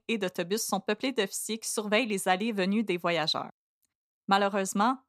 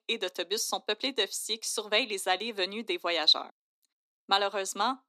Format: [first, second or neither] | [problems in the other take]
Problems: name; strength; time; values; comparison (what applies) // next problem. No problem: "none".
first | thin; somewhat; fading below 250 Hz